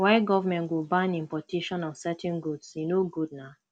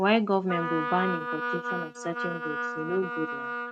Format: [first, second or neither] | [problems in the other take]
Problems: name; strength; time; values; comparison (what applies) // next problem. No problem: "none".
first | noise reduction (neural mask model RNNoise)